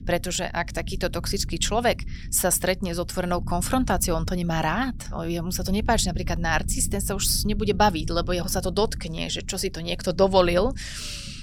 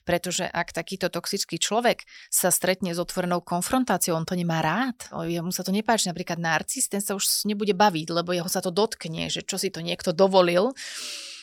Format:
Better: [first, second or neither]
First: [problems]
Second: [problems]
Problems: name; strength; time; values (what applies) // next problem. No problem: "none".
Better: second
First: low rumble; faint; throughout; 20 dB below the speech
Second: none